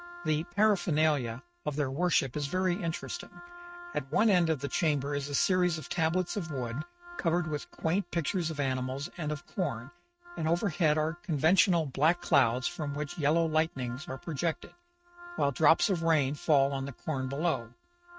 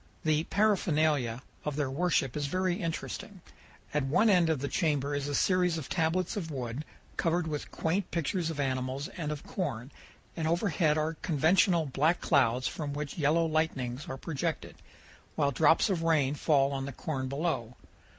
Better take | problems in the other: second | noise reduction (neural mask model RNNoise)

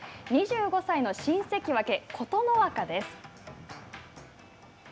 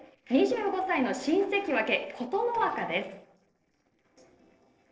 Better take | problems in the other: first | noise reduction (neural separator model SepFormer DNS4)

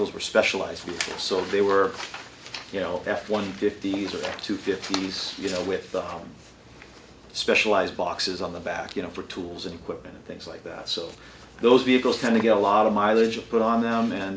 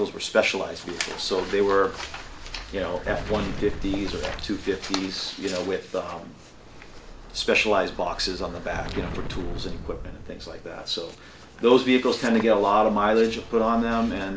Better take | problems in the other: first | background sound (Explosion); 12 dB below the speech

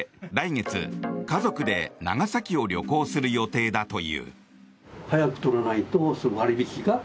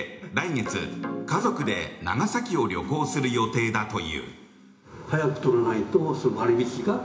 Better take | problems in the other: first | room echo; dies away in 0.8 s

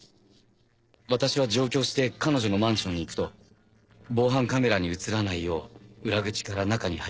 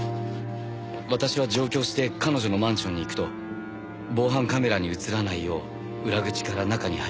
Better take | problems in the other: second | noise reduction (neural separator model SepFormer DNS4)

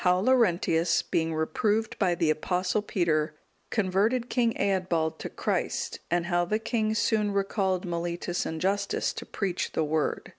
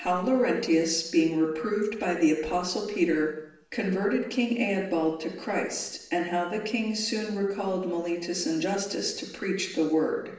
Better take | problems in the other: first | room echo; dies away in 0.8 s

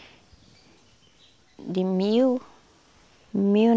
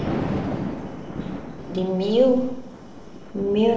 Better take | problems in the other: first | background sound (Thunder); 6 dB below the speech // room echo; dies away in 0.9 s

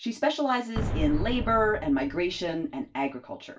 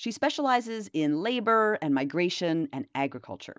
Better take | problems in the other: second | background sound (Boom); 5 dB below the speech // room echo; dies away in 0.2 s

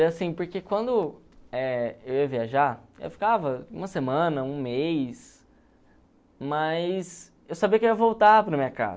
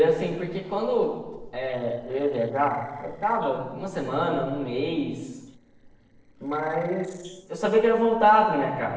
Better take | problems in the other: first | noise reduction (neural separator model SepFormer DNS4)

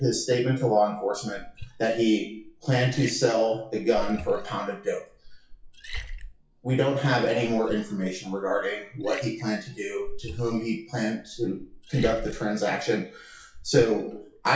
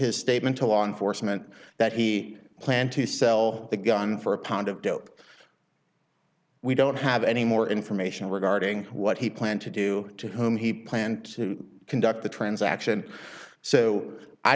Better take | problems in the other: second | noise reduction (classical method WPE with log-MMSE)

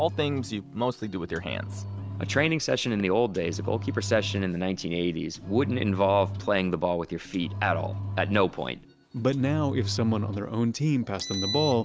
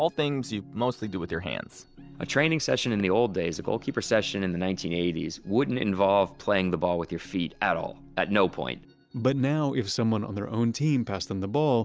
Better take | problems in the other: second | background sound (Engine); 9 dB below the speech

